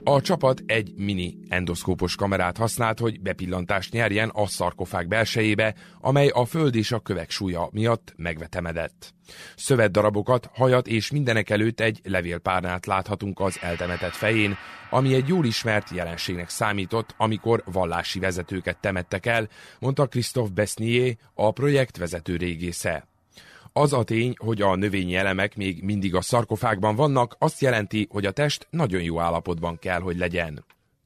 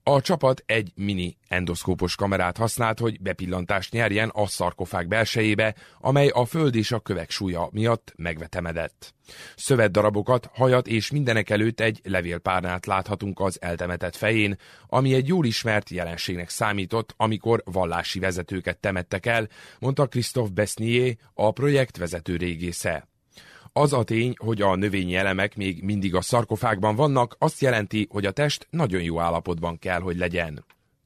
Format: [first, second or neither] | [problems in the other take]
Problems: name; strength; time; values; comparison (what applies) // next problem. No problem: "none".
second | background music; noticeable; throughout; 20 dB below the speech